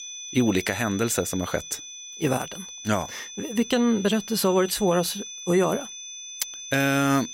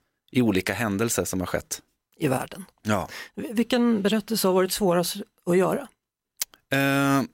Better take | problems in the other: second | high-pitched whine; noticeable; throughout; 6 kHz, 10 dB below the speech

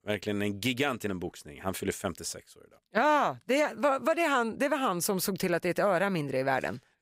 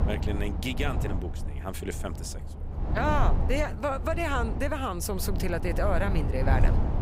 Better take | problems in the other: first | low rumble; loud; throughout; 9 dB below the speech

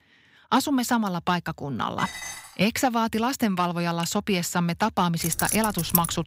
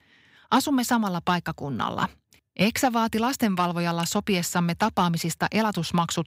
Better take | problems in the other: second | clattering dishes; noticeable; at 2 s; peak 9 dB below the speech // jangling keys; loud; at 5 s; peak level with the speech

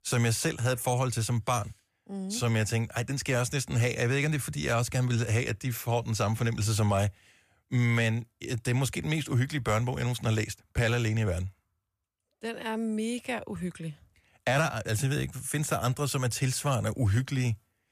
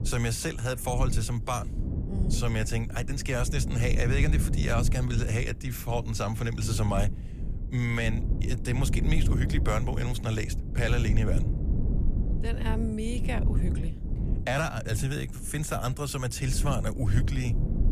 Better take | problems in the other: first | low rumble; noticeable; throughout; 10 dB below the speech

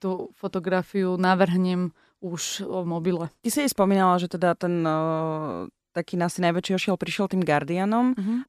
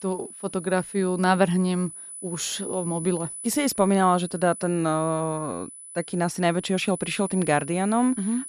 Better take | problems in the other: first | high-pitched whine; noticeable; throughout; 10 kHz, 10 dB below the speech

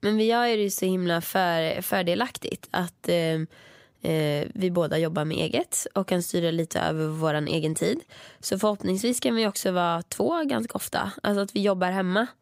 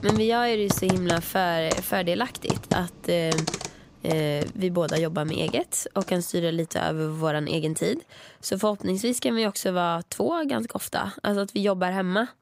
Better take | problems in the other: first | household noises; loud; throughout; 6 dB below the speech

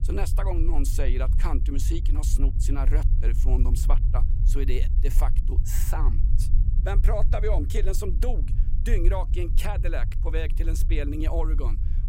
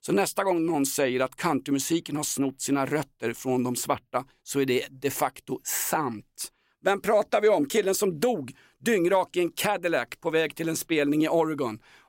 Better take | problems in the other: second | low rumble; noticeable; throughout; 10 dB below the speech

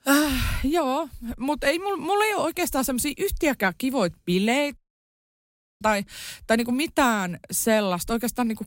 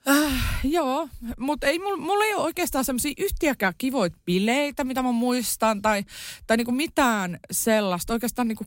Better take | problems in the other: second | audio cutting out; at 5 s for 1 s

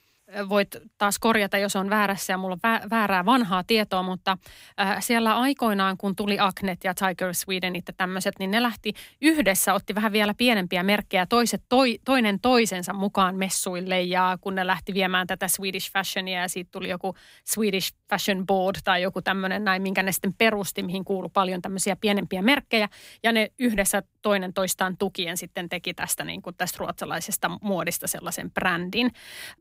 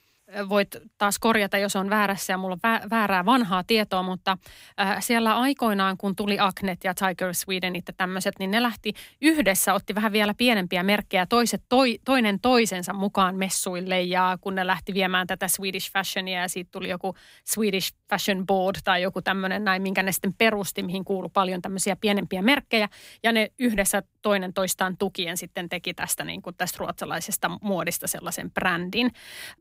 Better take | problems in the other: neither | none

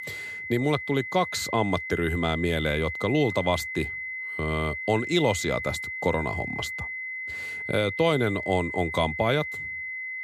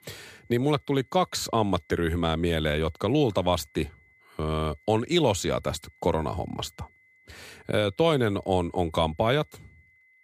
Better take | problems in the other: second | high-pitched whine; loud; throughout; 2 kHz, 5 dB below the speech; faint in the second

